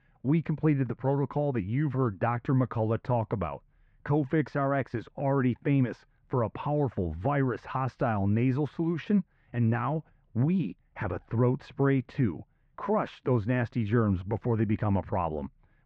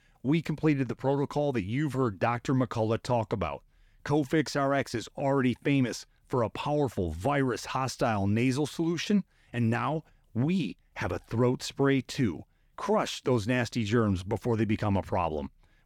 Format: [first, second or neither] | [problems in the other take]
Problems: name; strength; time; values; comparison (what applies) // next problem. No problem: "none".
second | muffled; very; fading above 1.5 kHz